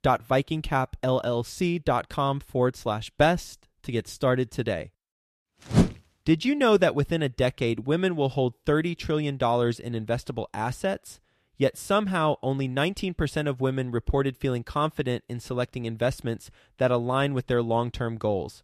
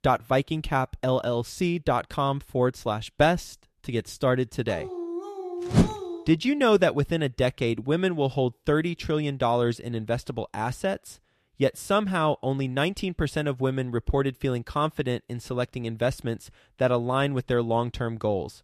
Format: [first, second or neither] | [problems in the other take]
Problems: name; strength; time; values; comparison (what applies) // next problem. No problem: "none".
first | dog barking; noticeable; from 4.5 to 6.5 s; peak 7 dB below the speech